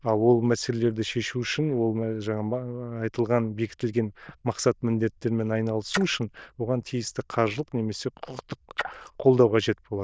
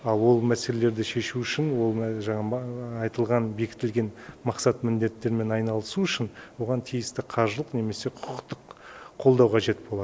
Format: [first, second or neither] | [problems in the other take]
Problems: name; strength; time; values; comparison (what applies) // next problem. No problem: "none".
second | noise reduction (neural diffusion model UNIVERSE++)